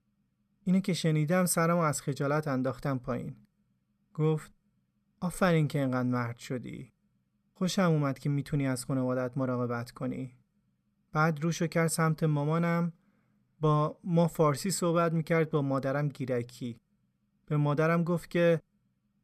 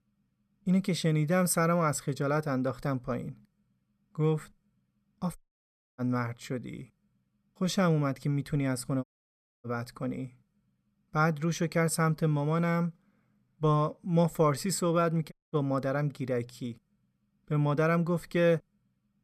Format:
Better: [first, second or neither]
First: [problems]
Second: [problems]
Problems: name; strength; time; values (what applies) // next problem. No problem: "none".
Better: first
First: none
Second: audio cutting out; at 5.5 s for 0.5 s, at 9 s for 0.5 s and at 15 s